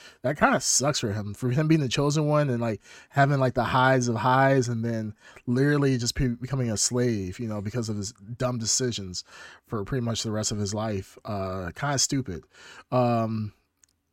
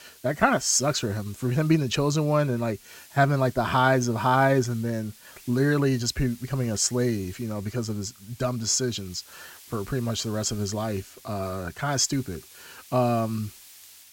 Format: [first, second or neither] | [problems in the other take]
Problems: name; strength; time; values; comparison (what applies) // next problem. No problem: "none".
first | hiss; faint; throughout; 20 dB below the speech